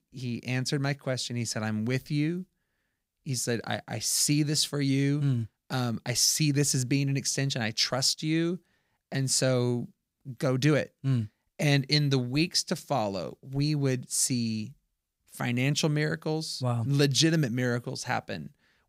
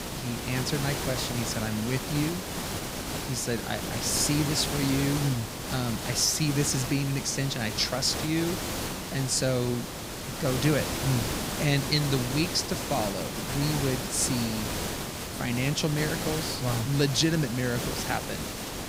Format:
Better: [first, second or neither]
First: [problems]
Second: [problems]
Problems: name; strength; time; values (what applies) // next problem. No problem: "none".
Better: first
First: none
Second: hiss; loud; throughout; 4 dB below the speech